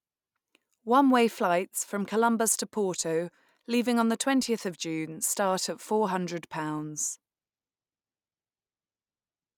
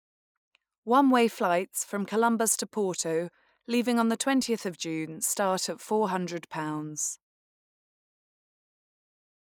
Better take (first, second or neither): first